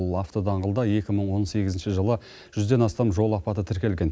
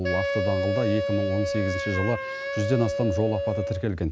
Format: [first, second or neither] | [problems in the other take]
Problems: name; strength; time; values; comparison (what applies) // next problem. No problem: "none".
first | background sound (Wind instrument, woodwind instrument); 2 dB below the speech